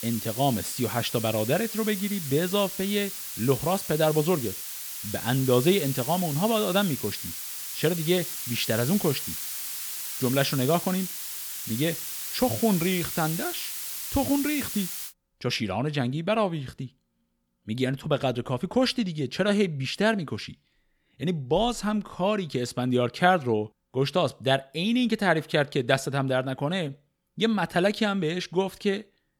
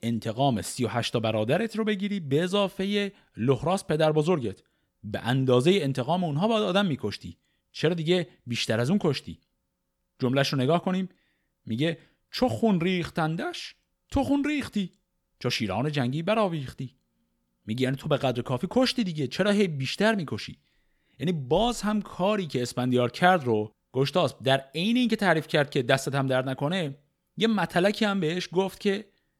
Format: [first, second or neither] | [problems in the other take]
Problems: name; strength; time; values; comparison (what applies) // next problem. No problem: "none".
second | hiss; loud; until 15 s; 5 dB below the speech